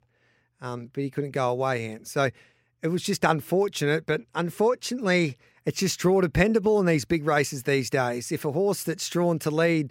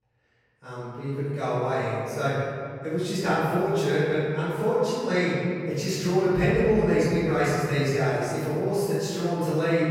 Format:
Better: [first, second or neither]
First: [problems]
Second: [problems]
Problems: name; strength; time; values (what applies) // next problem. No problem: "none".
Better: first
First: none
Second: off-mic speech; far // room echo; strong; dies away in 2.2 s